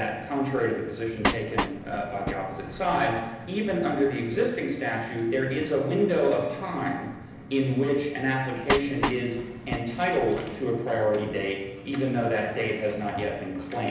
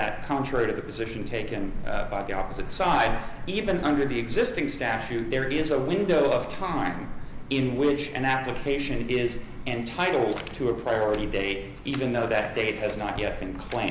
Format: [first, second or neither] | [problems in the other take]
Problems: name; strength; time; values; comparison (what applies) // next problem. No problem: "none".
second | background sound (Train); 5 dB below the speech // room echo; dies away in 0.8 s